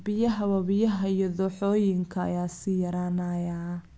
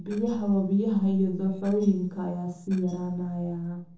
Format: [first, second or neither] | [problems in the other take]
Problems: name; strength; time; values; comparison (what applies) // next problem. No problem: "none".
first | noise reduction (neural separator model SepFormer DNS4)